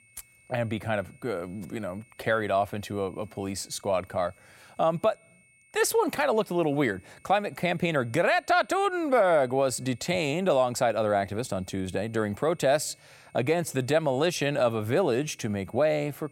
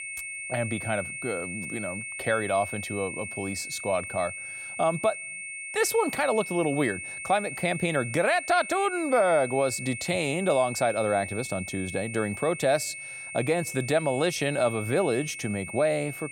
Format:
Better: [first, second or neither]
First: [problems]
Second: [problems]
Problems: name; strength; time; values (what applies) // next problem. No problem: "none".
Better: first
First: high-pitched whine; faint; throughout; 2 kHz, 30 dB below the speech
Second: high-pitched whine; loud; throughout; 2 kHz, 8 dB below the speech